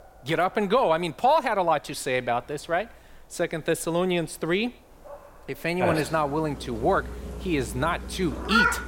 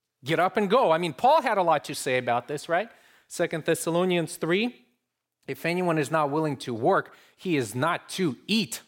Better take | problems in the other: second | animal sounds; loud; throughout; 5 dB below the speech

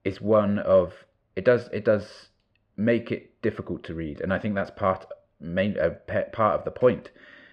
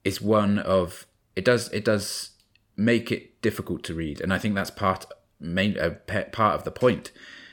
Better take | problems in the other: second | muffled; very; fading above 2.5 kHz

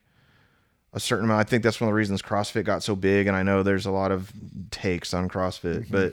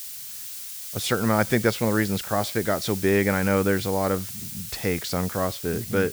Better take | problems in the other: first | hiss; loud; throughout; 9 dB below the speech

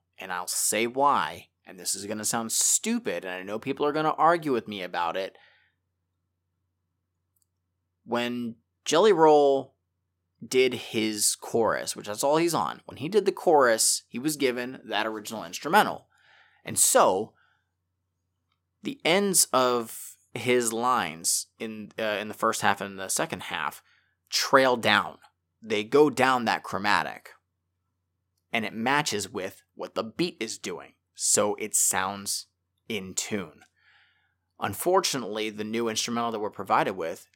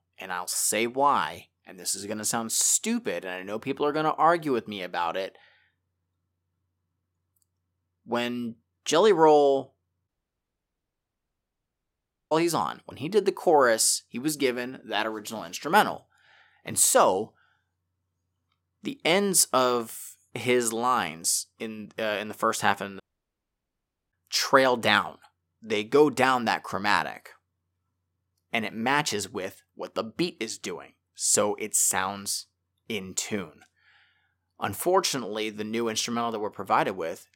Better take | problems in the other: first | audio cutting out; at 10 s for 2 s and at 23 s for 1 s

